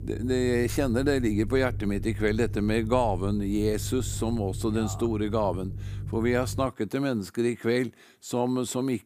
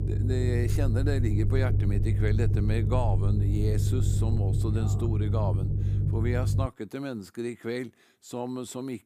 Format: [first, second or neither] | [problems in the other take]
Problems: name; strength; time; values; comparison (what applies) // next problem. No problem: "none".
first | low rumble; loud; until 6.5 s; 5 dB below the speech; faint in the first